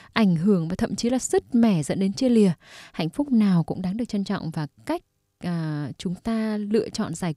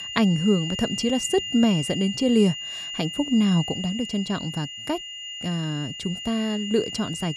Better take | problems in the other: first | high-pitched whine; loud; throughout; 3 kHz, 7 dB below the speech

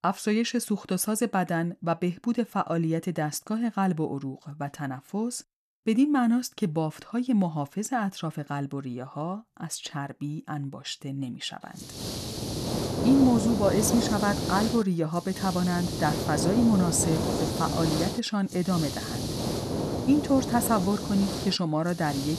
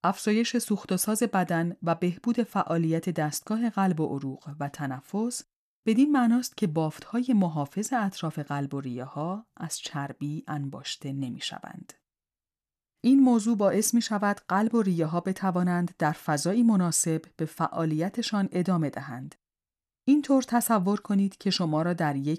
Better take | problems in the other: second | hiss; loud; from 12 s on; 3 dB below the speech

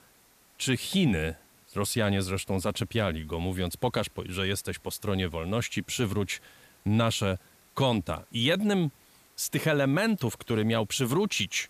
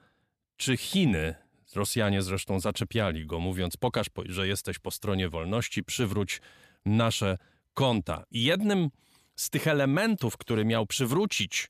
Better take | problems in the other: second | hiss; faint; throughout; 30 dB below the speech

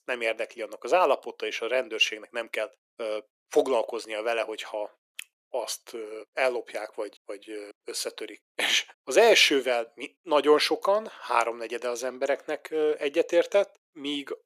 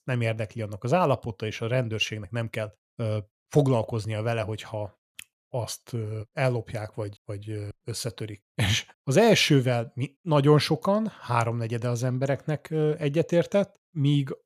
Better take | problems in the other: second | thin; very; fading below 350 Hz

